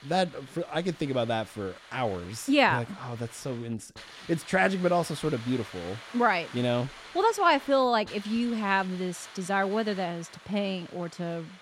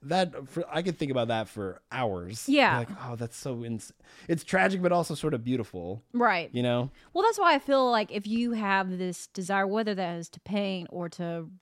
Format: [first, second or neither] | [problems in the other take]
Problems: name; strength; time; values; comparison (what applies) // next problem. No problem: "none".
second | hiss; noticeable; throughout; 20 dB below the speech